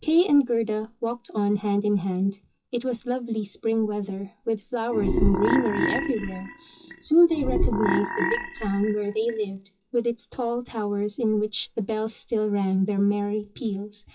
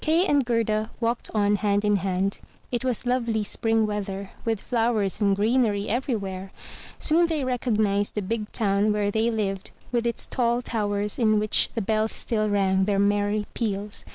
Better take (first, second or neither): second